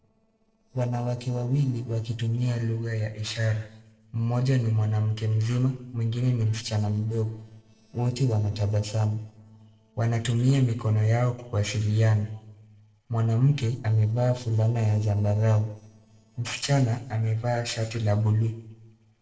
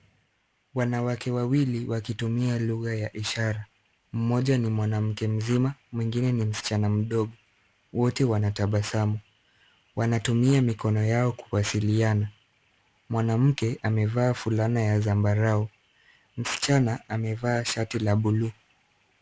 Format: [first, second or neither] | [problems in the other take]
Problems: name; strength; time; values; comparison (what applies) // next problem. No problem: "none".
second | noise reduction (neural separator model SepFormer DNS4)